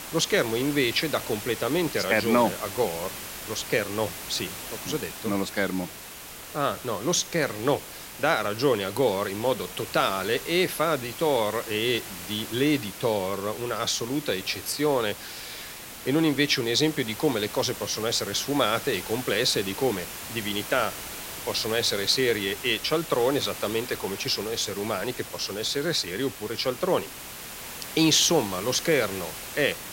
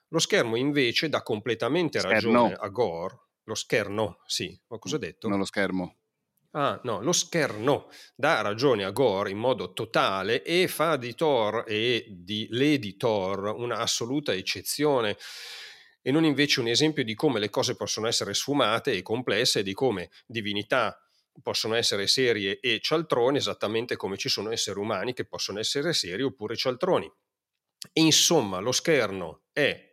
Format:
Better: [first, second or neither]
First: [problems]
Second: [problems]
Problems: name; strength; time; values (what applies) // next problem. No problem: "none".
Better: second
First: hiss; noticeable; throughout; 10 dB below the speech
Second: none